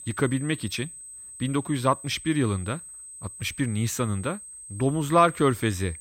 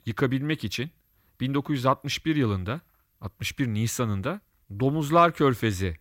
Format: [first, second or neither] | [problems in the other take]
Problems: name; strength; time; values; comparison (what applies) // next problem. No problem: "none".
second | high-pitched whine; noticeable; throughout; 8 kHz, 15 dB below the speech